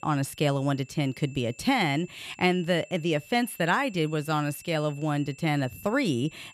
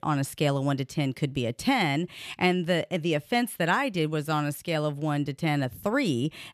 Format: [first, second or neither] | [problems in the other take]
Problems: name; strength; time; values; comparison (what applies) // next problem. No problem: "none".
second | high-pitched whine; faint; throughout; 2.5 kHz, 25 dB below the speech